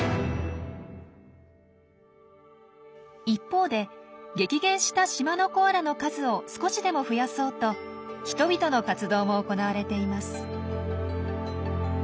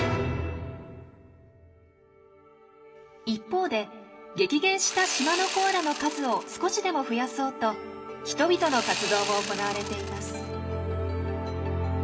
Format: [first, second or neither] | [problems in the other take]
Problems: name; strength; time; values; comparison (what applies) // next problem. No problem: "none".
first | background sound (Sawing); 6 dB below the speech // room echo; dies away in 1.4 s